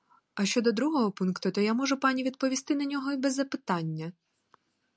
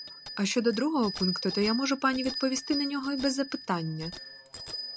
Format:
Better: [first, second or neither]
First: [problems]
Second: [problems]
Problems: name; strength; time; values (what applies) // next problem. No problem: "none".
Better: first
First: none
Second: background sound (Bicycle bell); 9 dB below the speech